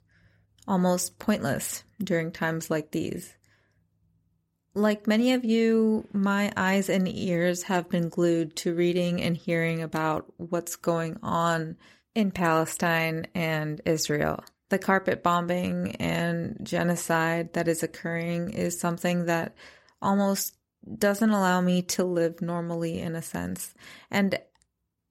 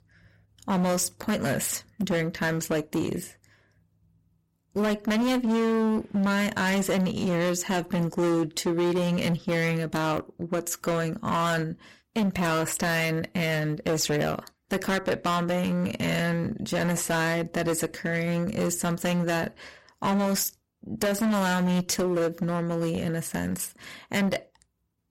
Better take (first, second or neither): first